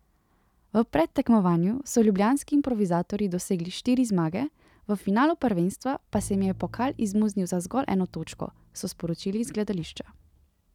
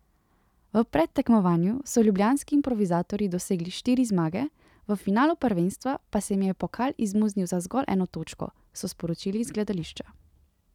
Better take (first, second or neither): second